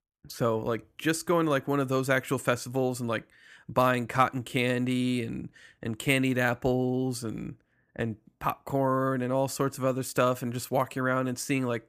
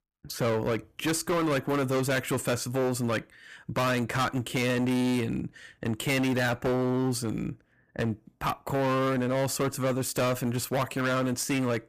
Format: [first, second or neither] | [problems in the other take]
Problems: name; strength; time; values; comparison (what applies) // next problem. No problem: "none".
first | distortion; heavy; 23% of the sound clipped